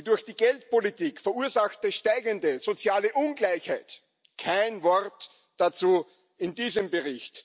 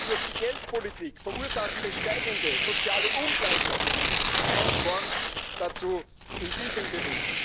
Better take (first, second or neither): first